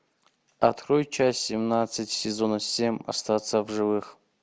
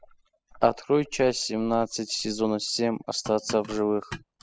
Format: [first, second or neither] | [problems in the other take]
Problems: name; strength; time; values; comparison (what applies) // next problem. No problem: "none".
first | noise reduction (classical method spectral subtraction)